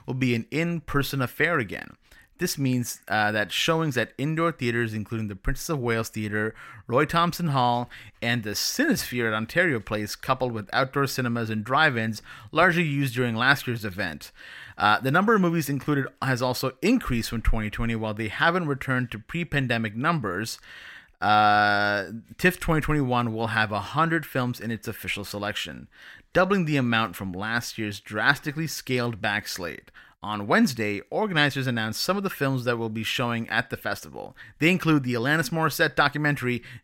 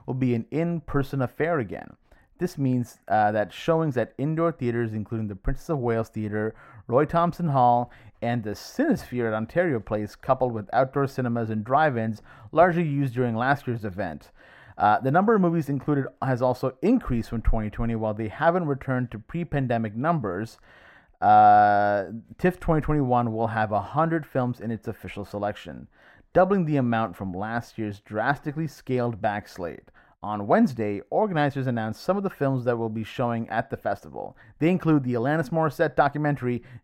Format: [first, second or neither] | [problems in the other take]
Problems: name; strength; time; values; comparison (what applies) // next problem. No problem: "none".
first | muffled; very; fading above 1.5 kHz